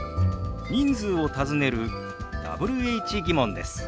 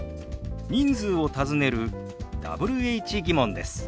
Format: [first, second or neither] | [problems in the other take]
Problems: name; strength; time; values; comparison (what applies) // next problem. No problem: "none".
second | background sound (Wind chime + Bowed string instrument); 7 dB below the speech